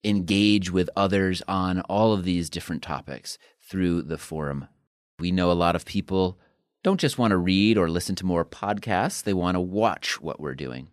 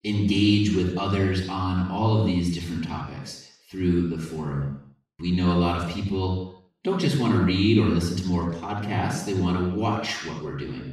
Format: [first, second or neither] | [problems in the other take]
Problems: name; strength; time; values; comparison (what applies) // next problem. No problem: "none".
first | room echo; noticeable; dies away in 0.7 s // off-mic speech; far